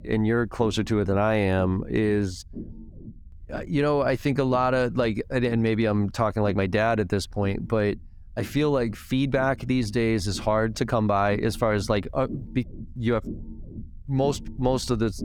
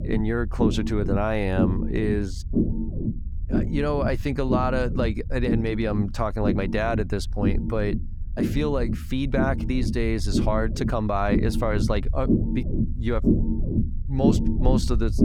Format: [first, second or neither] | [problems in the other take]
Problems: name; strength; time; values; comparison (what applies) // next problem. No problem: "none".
first | low rumble; loud; throughout; 6 dB below the speech; faint in the first